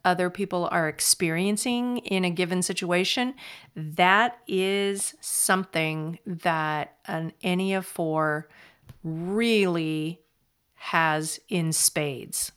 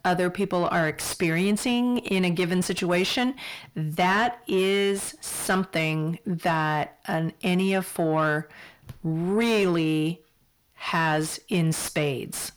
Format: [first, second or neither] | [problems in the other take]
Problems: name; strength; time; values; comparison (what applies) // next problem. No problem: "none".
first | distortion; heavy; 7 dB below the speech